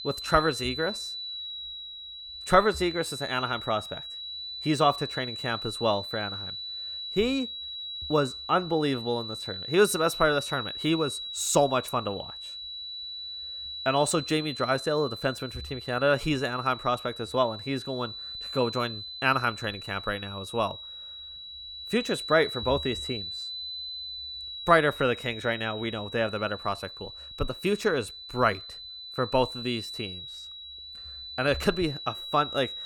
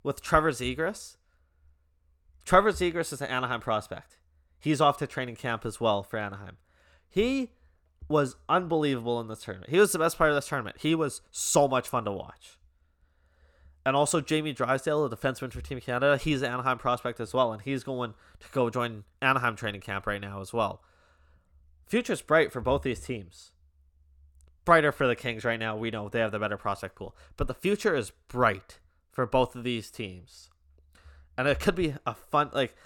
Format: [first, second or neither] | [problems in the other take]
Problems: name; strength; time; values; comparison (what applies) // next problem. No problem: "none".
second | high-pitched whine; loud; throughout; 4 kHz, 8 dB below the speech